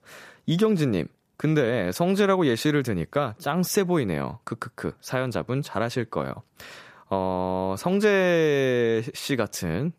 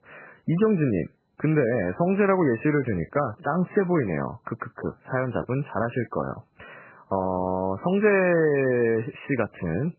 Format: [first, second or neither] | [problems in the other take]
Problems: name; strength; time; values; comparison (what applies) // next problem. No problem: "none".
first | garbled, watery; badly; nothing above 2.5 kHz